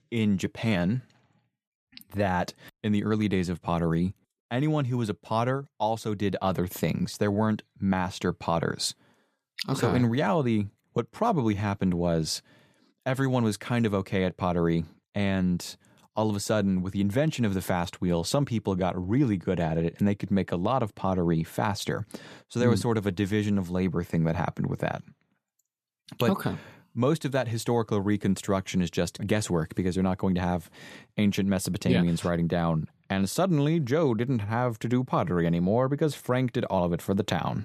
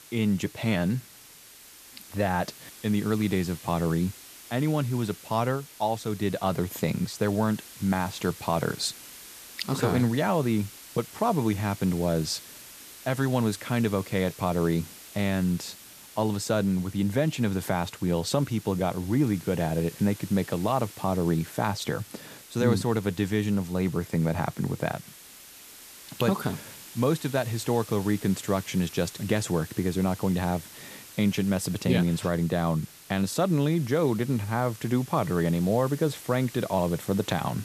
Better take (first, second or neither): first